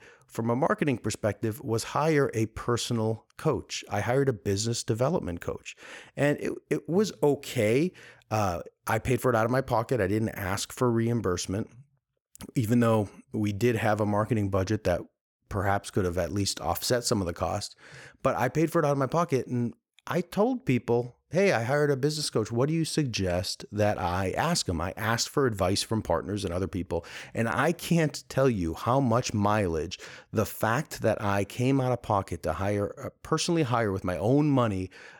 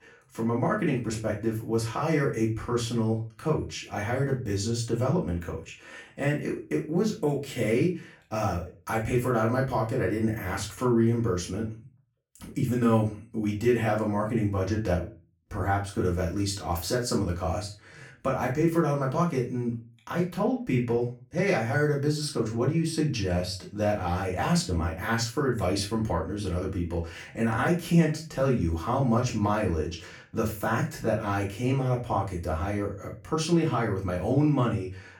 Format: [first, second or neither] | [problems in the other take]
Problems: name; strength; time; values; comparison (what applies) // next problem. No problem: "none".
first | off-mic speech; far // room echo; slight; dies away in 0.3 s